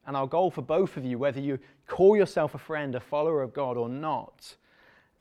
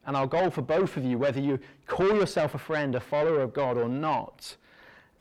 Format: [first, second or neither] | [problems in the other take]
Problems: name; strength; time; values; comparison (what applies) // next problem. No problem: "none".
first | distortion; heavy; 6 dB below the speech